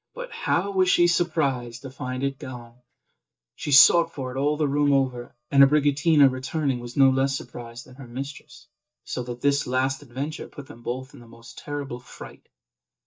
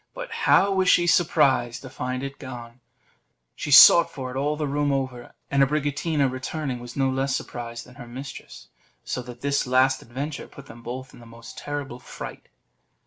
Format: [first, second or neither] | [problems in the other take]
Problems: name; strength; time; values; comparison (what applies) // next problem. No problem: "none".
second | noise reduction (neural mask model DeepFilterNet 3)